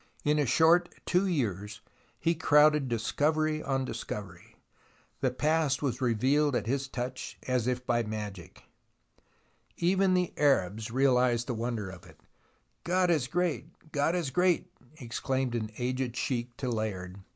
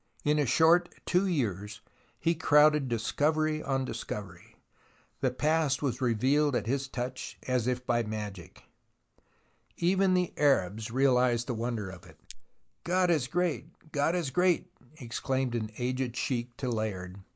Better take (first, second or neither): first